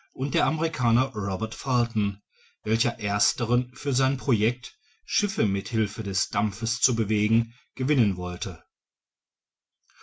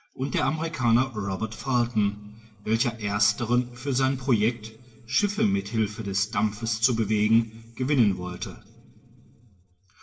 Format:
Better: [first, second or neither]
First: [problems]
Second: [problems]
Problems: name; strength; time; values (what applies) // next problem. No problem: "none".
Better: first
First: none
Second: room echo; dies away in 2.7 s